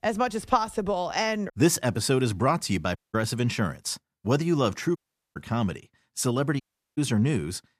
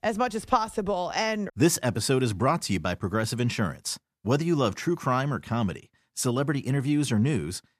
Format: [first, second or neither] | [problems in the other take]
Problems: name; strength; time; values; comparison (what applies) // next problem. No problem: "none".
second | audio cutting out; at 3 s, at 5 s and at 6.5 s